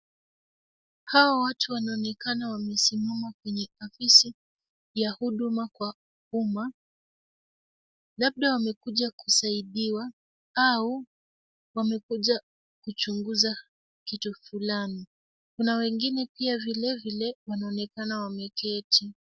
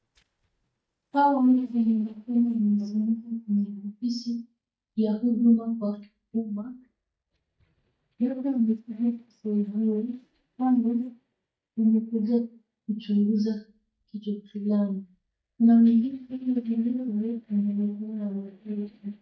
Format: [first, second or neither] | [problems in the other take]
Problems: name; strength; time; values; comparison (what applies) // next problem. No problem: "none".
first | noise reduction (neural mask model DeepFilterNet 3)